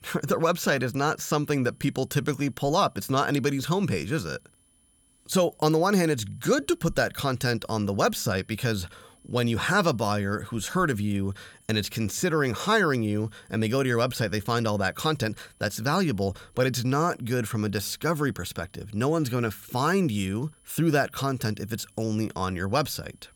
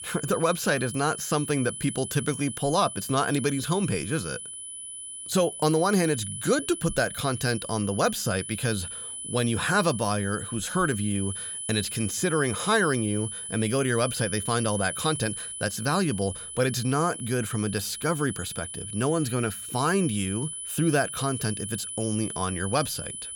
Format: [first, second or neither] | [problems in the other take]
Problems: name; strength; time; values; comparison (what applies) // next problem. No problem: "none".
first | high-pitched whine; loud; throughout; 10 kHz, 7 dB below the speech; faint in the first